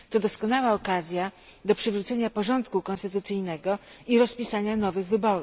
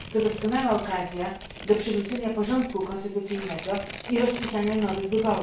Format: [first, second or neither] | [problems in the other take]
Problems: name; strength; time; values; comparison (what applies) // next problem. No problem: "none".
first | background sound (Tearing); 14 dB below the speech // room echo; dies away in 0.4 s